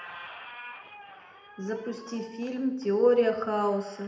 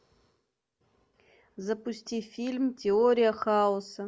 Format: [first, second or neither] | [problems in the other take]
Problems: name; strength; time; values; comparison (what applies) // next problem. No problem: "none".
second | background sound (Squeak); 18 dB below the speech // room echo; dies away in 0.7 s